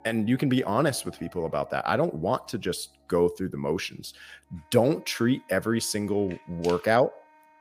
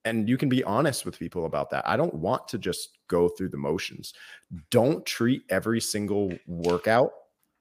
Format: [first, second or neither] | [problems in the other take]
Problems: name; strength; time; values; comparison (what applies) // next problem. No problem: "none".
second | background music; faint; throughout; 30 dB below the speech